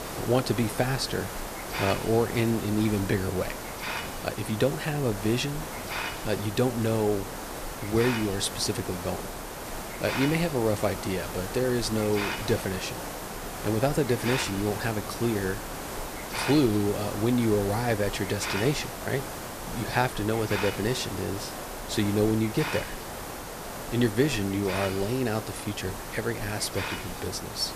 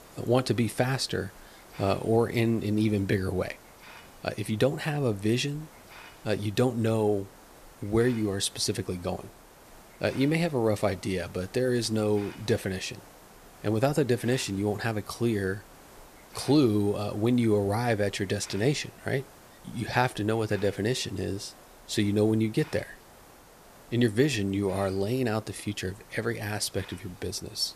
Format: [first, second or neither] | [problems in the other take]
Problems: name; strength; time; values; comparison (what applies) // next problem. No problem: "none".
second | hiss; loud; throughout; 7 dB below the speech; faint in the second